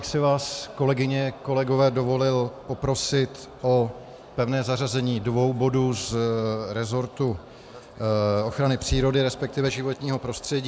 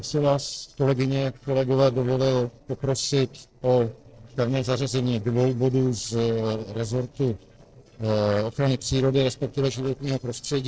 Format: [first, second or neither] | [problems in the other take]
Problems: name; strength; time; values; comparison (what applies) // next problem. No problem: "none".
first | noise reduction (neural separator model SepFormer DNS4)